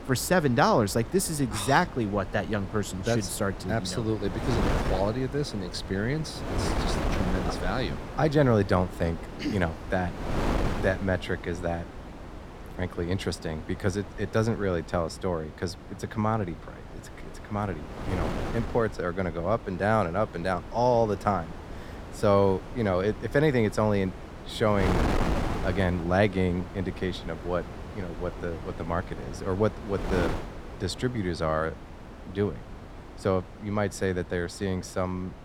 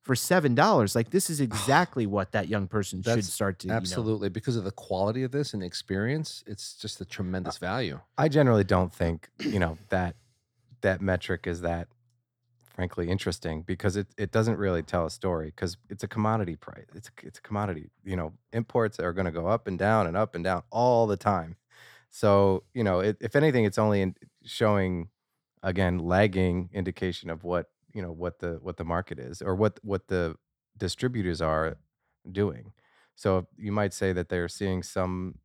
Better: second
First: wind noise on the microphone; heavy; 10 dB below the speech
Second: none

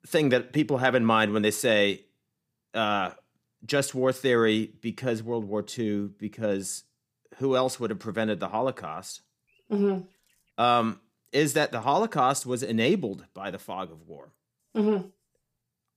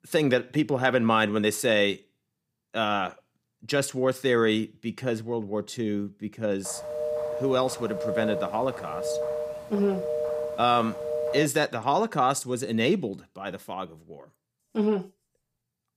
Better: first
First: none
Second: phone ringing; noticeable; from 6.5 to 11 s; peak 2 dB below the speech

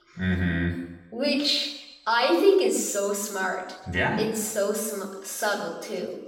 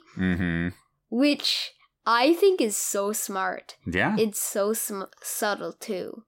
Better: second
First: room echo; noticeable; dies away in 0.9 s // off-mic speech; far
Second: none

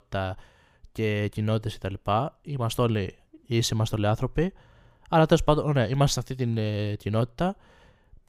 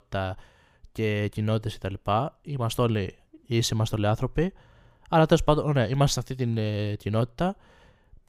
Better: neither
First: none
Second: none

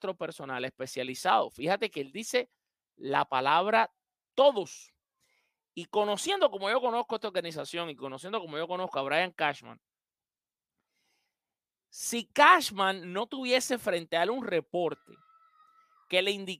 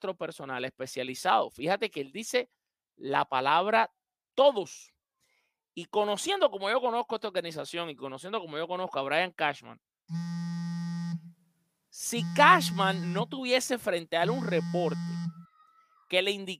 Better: first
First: none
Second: phone ringing; noticeable; from 10 to 15 s; peak 5 dB below the speech

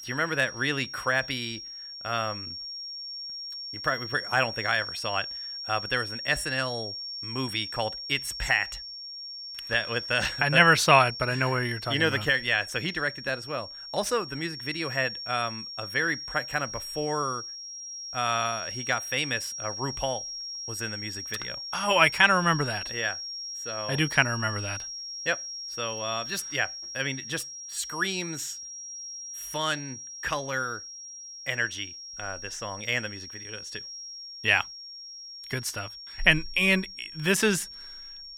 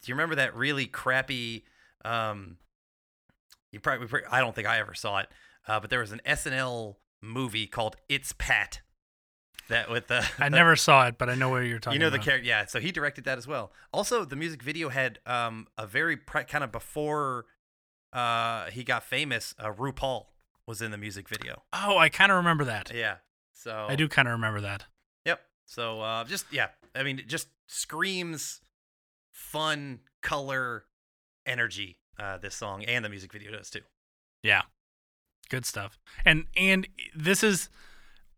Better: second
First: high-pitched whine; loud; throughout; 5.5 kHz, 8 dB below the speech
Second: none

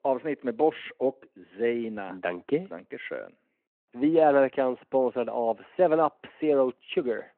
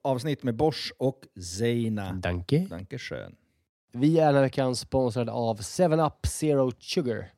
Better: second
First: phone-call audio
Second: none

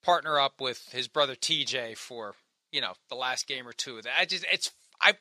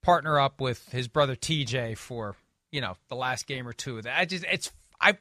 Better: second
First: thin; somewhat; fading below 350 Hz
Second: none

